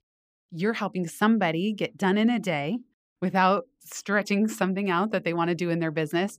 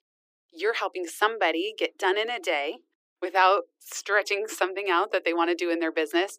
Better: first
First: none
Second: thin; very; fading below 350 Hz

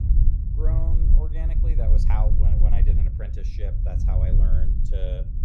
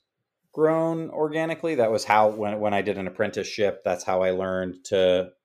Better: second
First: low rumble; loud; throughout; 1 dB below the speech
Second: none

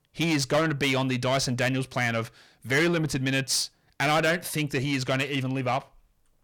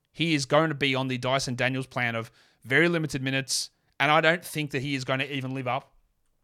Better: second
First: distortion; heavy; 8 dB below the speech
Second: none

